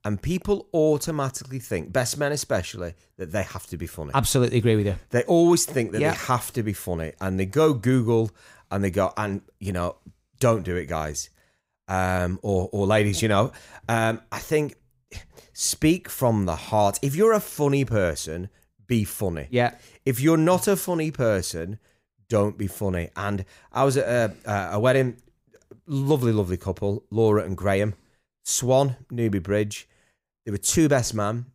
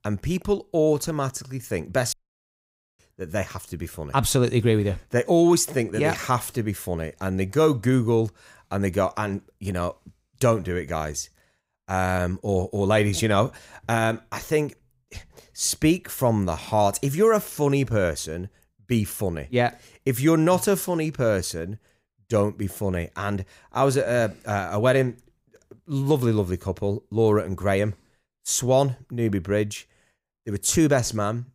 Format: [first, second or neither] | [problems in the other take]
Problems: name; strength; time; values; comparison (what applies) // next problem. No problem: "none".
first | audio cutting out; at 2 s for 1 s